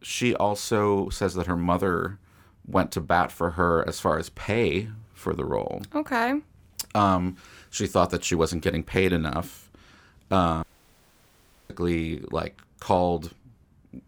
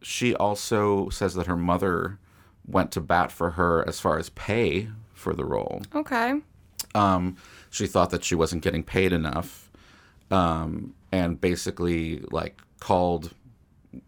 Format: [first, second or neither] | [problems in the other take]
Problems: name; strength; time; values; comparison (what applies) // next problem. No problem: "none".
second | audio cutting out; at 11 s for 1 s